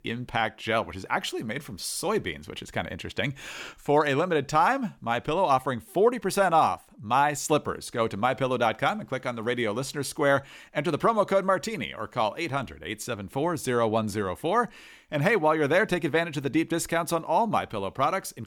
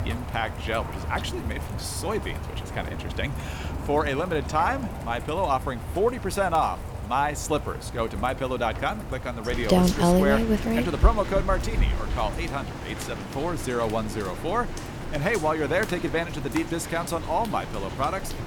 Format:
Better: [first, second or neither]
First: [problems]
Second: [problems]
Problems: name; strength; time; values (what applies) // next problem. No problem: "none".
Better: first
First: none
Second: rain or running water; loud; throughout; 2 dB below the speech